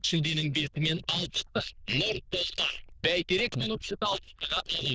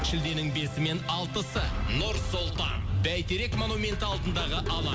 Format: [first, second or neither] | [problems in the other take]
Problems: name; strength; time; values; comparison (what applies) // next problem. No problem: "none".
second | noise reduction (neural diffusion model UNIVERSE++)